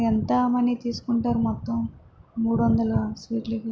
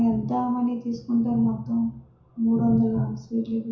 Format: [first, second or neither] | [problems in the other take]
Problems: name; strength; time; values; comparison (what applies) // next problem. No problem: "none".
first | room echo; dies away in 0.7 s